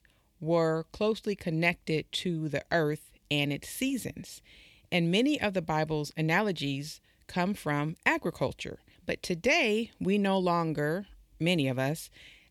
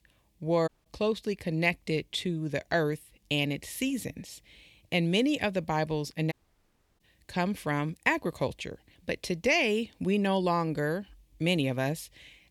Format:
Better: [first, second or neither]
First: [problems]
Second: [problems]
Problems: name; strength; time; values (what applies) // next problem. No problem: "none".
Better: first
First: none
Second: audio cutting out; at 0.5 s and at 6.5 s for 0.5 s